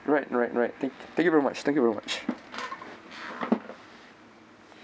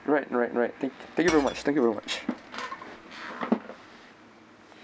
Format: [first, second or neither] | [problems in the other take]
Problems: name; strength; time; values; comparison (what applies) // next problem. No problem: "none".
first | background sound (Shatter / Crushing); 15 dB below the speech